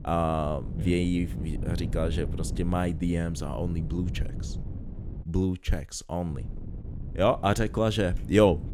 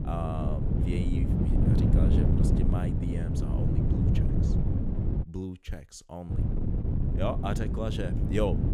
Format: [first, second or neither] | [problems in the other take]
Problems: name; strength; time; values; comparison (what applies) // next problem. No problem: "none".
first | wind noise on the microphone; heavy; until 5 s and from 6.5 s on; as loud as the speech; occasional gusts in the first